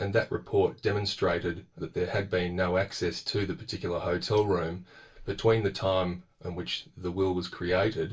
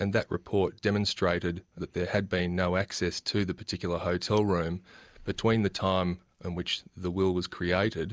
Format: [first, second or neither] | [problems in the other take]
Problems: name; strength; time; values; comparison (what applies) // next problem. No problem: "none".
second | room echo; dies away in 0.2 s